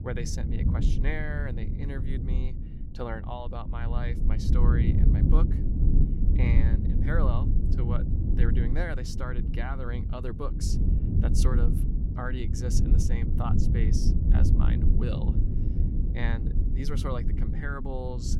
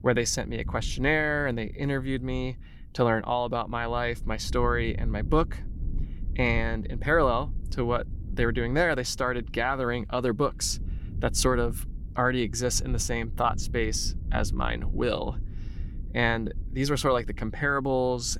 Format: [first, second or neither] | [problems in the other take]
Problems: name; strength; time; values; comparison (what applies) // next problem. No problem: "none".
second | low rumble; loud; throughout; 2 dB below the speech; faint in the second